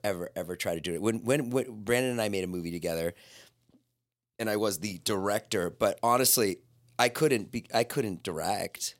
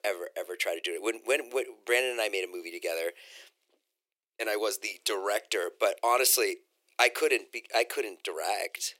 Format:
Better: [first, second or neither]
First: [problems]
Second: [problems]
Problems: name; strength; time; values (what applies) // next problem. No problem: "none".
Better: first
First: none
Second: thin; very; fading below 350 Hz